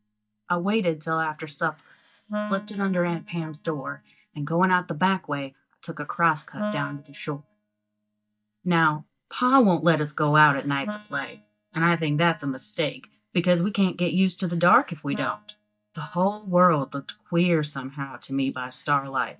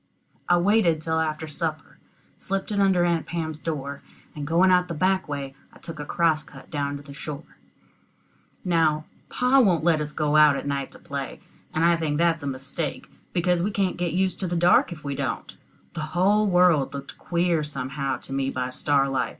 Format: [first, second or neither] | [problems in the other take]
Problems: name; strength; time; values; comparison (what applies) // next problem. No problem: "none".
second | noise reduction (neural mask model DeepFilterNet 3)